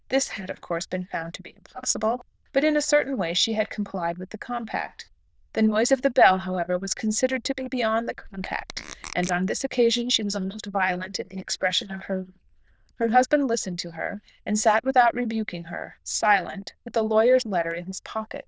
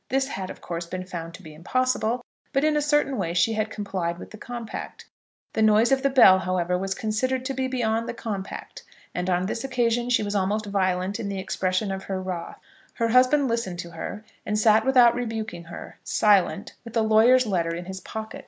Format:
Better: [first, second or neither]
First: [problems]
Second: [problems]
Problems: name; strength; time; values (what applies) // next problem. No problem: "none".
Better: second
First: noise reduction (neural diffusion model UNIVERSE++)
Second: none